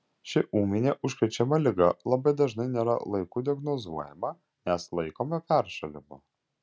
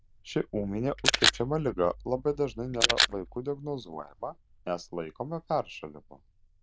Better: first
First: none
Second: noise reduction (neural diffusion model UNIVERSE++)

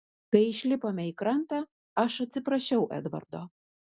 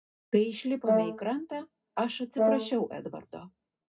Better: first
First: none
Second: background sound (Brass instrument); 1 dB above the speech // room echo; dies away in 0.2 s

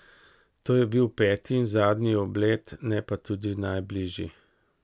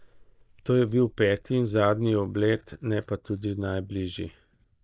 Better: first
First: none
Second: noise reduction (neural mask model DeepFilterNet 3)

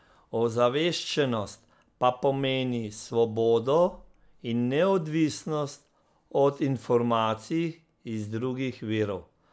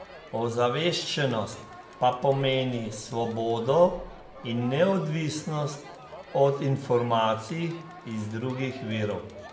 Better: first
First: none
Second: background sound (Crowd); 18 dB below the speech // room echo; dies away in 0.6 s

